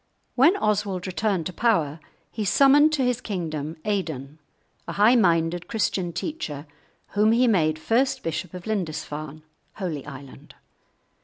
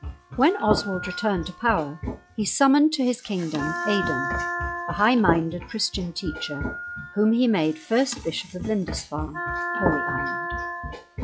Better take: first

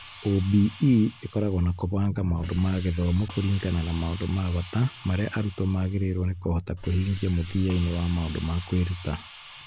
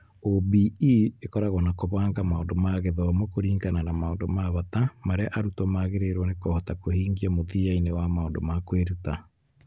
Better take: second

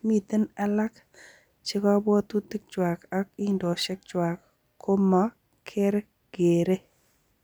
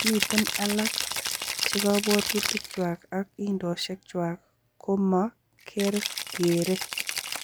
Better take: first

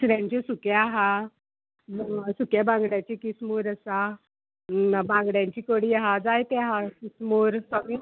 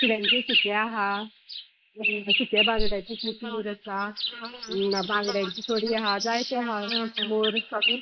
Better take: first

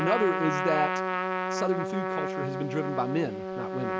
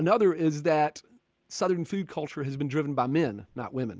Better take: second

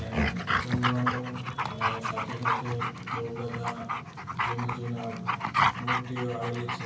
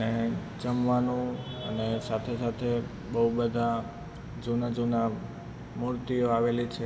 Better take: second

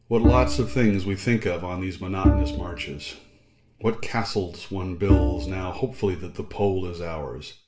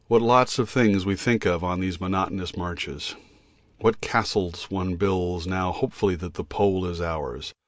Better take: second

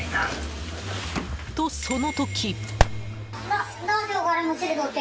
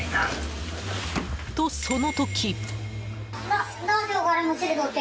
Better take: second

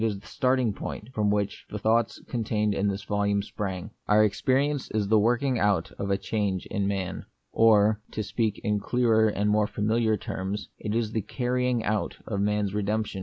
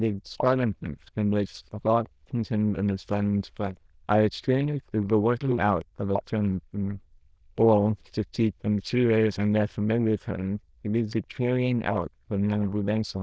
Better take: first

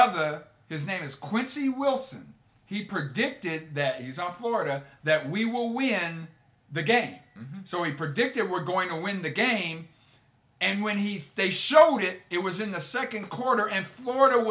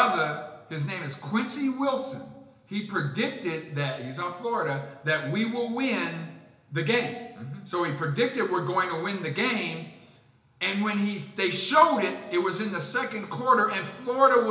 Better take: first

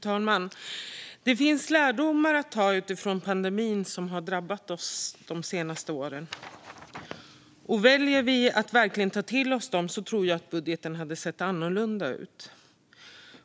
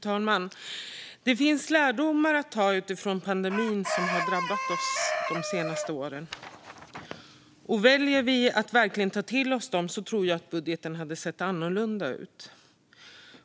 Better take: first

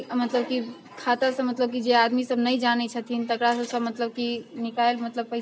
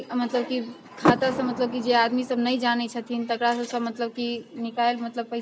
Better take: first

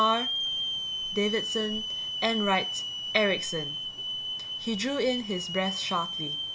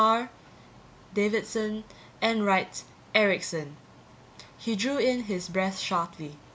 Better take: second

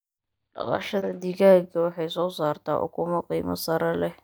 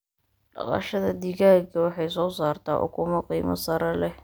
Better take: second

